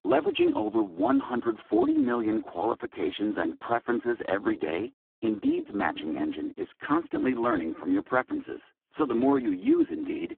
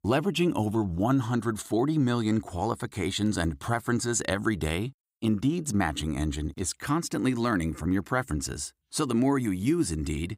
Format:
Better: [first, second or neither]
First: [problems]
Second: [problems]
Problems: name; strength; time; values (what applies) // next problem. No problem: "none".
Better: second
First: phone-call audio; poor line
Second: none